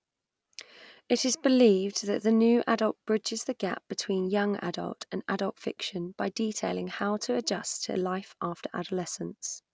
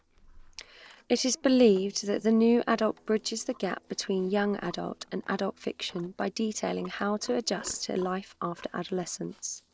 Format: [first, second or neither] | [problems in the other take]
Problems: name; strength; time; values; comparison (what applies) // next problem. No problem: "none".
first | noise reduction (neural separator model SepFormer DNS4)